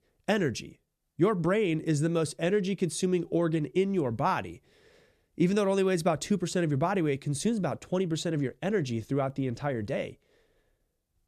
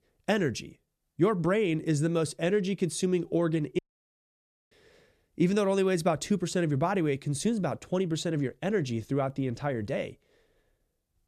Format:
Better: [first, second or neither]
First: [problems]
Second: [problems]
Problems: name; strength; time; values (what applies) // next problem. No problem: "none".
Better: first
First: none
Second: audio cutting out; at 4 s for 1 s